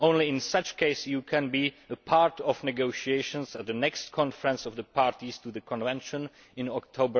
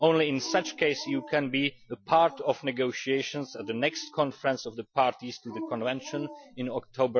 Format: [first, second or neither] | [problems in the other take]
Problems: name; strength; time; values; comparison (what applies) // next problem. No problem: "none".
first | noise reduction (classical method Wiener filter)